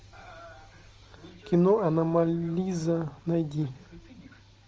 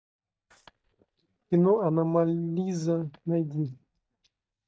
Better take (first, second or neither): first